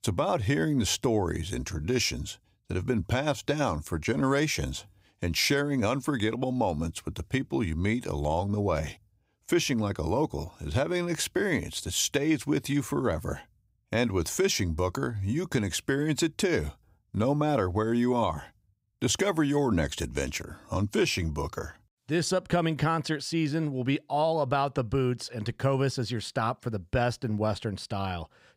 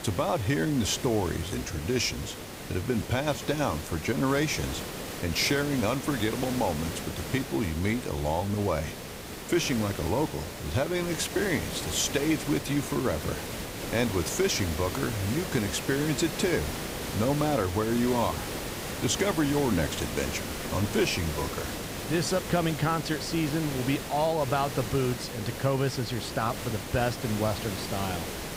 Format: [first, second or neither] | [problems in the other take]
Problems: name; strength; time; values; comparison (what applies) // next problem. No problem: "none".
first | hiss; loud; throughout; 7 dB below the speech